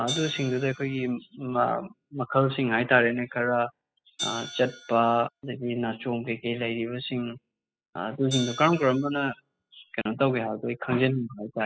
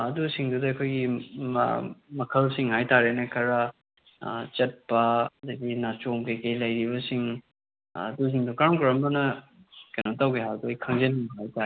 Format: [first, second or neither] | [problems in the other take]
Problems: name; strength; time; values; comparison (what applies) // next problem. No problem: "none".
second | noise reduction (classical method spectral subtraction)